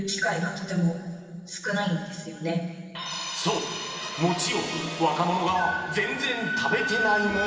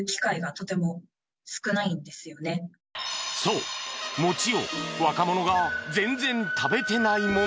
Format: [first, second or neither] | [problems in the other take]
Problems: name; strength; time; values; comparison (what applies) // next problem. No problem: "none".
second | room echo; dies away in 2.4 s